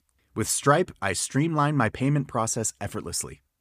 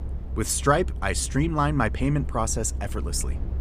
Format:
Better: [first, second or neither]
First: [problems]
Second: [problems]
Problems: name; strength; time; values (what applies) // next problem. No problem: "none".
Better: first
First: none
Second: low rumble; faint; throughout; 20 dB below the speech